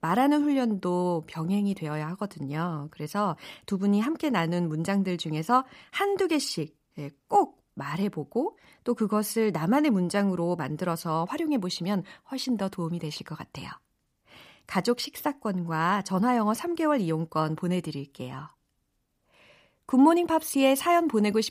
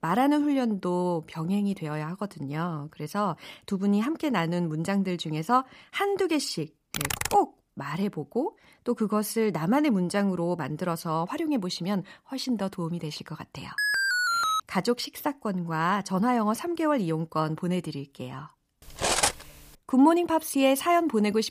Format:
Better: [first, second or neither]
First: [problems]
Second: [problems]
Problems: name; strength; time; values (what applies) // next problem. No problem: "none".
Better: first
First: none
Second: keyboard typing; noticeable; at 7 s; peak 2 dB below the speech // alarm; loud; at 14 s; peak 4 dB above the speech // clattering dishes; loud; at 19 s; peak 4 dB above the speech